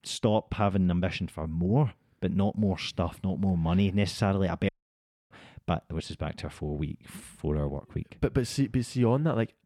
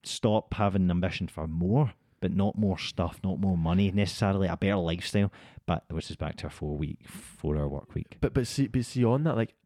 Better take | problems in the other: second | audio cutting out; at 4.5 s for 0.5 s

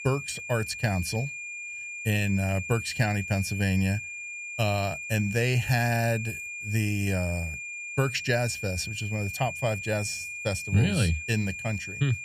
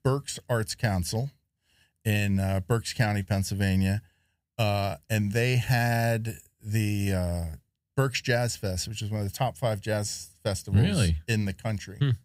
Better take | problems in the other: second | high-pitched whine; loud; throughout; 2.5 kHz, 6 dB below the speech

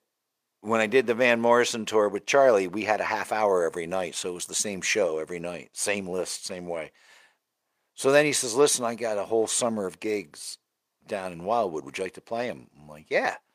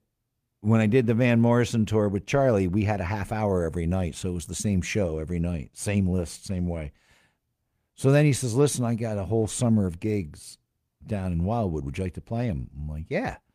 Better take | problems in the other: second | thin; very; fading below 500 Hz

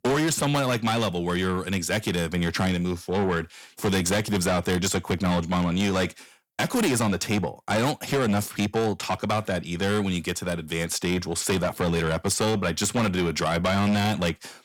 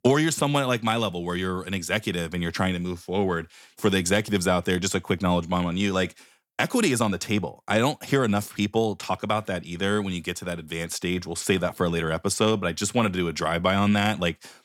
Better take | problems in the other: second | distortion; heavy; 8 dB below the speech

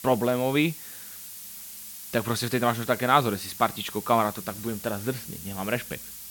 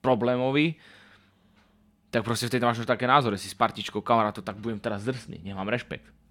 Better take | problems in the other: second | hiss; noticeable; throughout; 10 dB below the speech

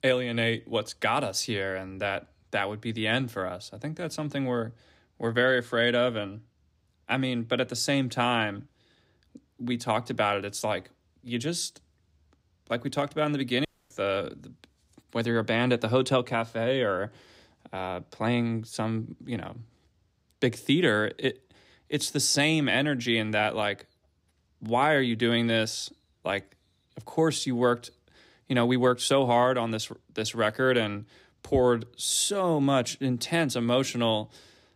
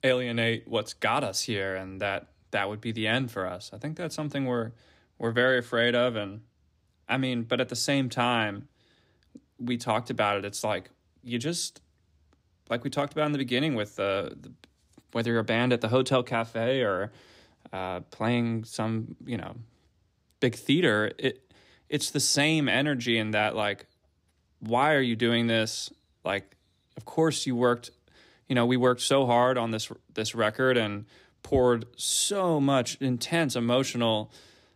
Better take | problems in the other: second | audio cutting out; at 14 s

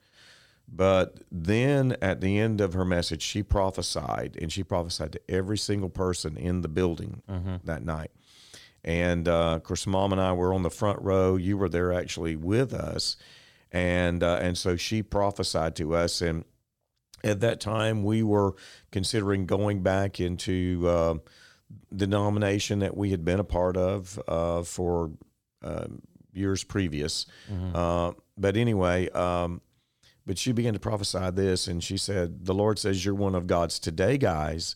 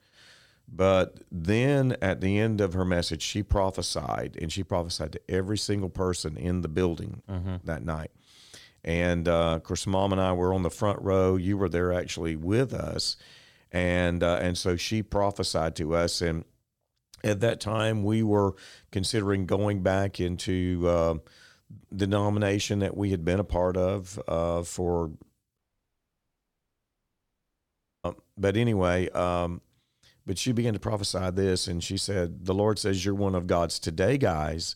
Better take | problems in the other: first | audio cutting out; at 26 s for 2.5 s

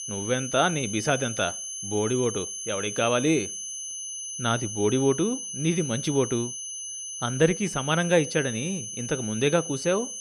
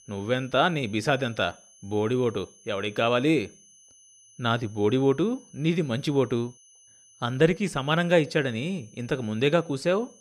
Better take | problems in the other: second | high-pitched whine; loud; throughout; 6 kHz, 6 dB below the speech; faint in the second

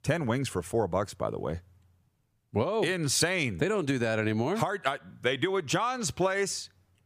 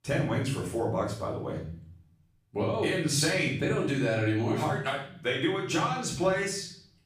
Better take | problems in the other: first | room echo; noticeable; dies away in 0.6 s // off-mic speech; far

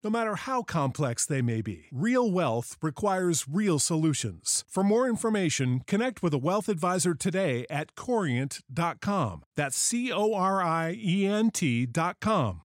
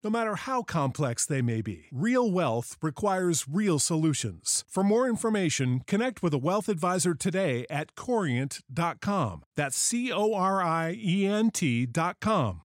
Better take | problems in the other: neither | none

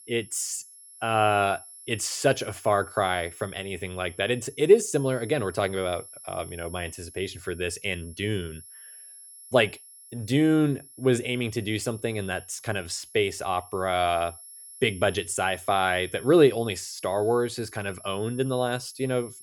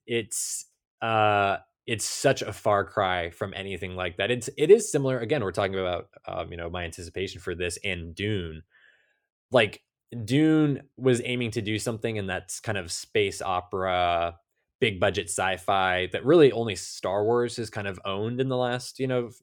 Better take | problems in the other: second | high-pitched whine; noticeable; throughout; 11 kHz, 20 dB below the speech

